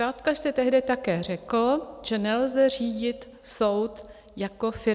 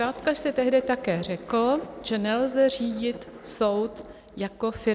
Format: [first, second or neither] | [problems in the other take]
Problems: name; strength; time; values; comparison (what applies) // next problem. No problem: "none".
first | background sound (Thunder); 19 dB below the speech